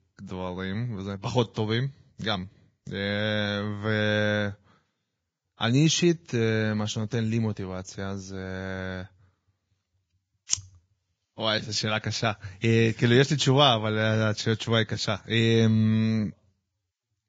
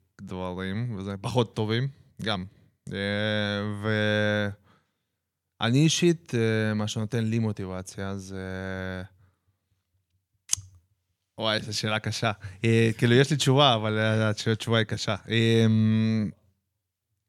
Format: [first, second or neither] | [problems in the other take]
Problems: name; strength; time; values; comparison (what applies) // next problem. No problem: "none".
second | garbled, watery; badly; nothing above 7.5 kHz